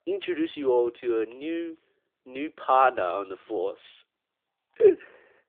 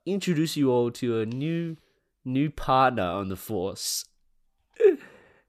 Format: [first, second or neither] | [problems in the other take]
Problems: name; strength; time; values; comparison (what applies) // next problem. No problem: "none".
second | phone-call audio; nothing above 3.5 kHz